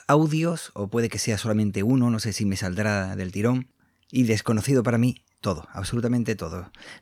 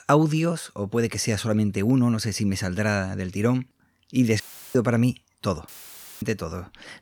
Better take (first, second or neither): first